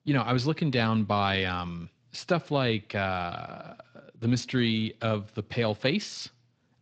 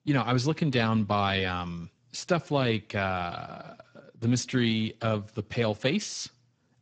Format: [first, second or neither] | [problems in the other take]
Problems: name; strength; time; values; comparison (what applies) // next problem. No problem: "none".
first | garbled, watery; badly; nothing above 7.5 kHz; slightly in the first